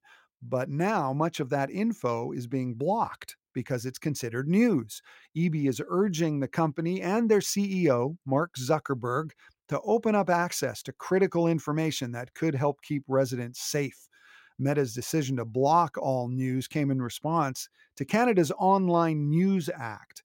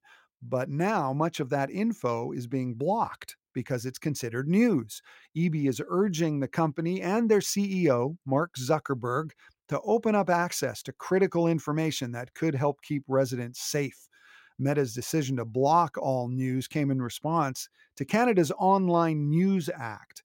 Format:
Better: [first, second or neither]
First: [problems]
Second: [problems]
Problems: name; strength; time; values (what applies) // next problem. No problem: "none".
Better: neither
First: none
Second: none